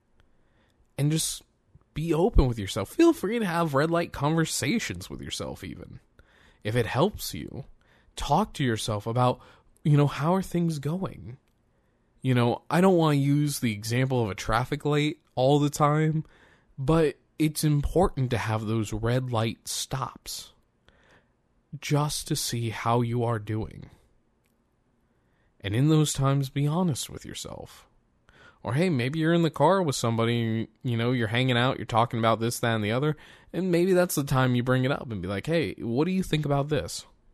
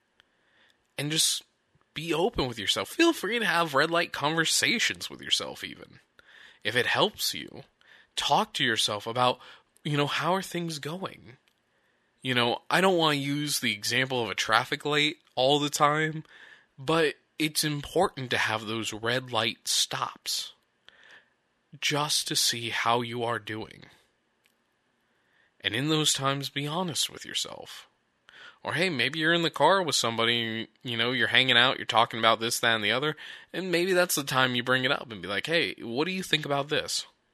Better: first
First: none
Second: thin; somewhat; fading below 500 Hz

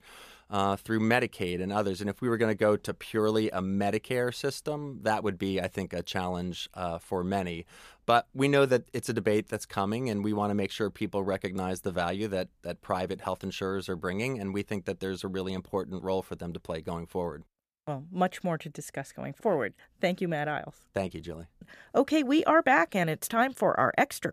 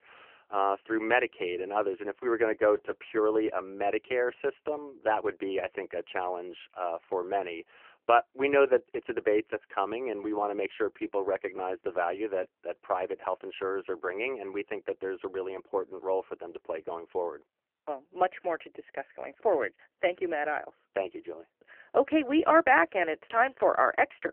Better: first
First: none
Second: phone-call audio; poor line; nothing above 3 kHz

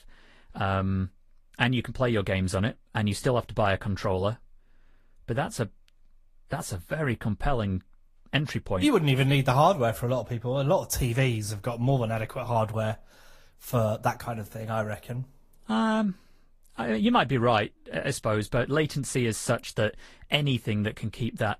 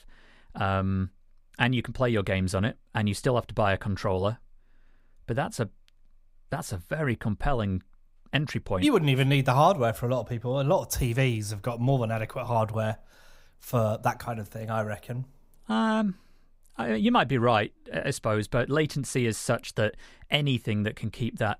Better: second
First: garbled, watery; slightly; nothing above 14.5 kHz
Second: none

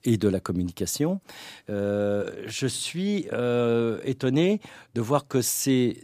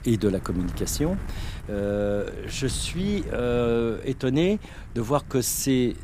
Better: first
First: none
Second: wind noise on the microphone; occasional gusts; 20 dB below the speech

